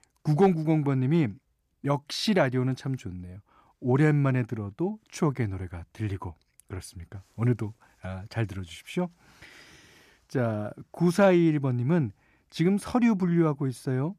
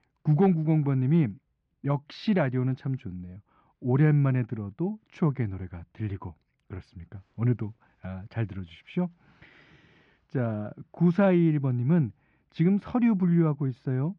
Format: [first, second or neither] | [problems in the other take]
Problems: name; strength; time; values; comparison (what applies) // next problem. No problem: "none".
first | muffled; slightly; fading above 3.5 kHz